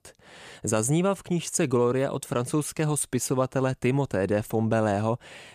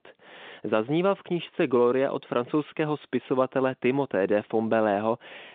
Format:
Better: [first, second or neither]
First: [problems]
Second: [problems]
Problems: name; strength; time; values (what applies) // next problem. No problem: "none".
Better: first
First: none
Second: phone-call audio; nothing above 3.5 kHz